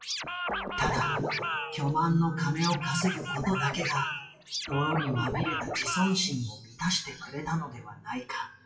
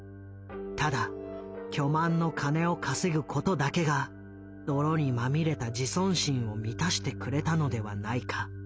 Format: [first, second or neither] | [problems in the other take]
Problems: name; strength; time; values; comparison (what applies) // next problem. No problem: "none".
second | noise reduction (classical method WPE with log-MMSE)